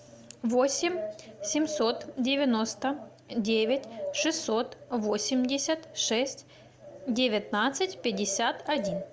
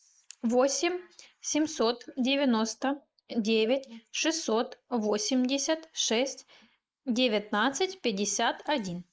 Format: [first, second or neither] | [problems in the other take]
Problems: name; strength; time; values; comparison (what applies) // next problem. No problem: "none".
first | noise reduction (neural mask model Resemble Enhance denoiser)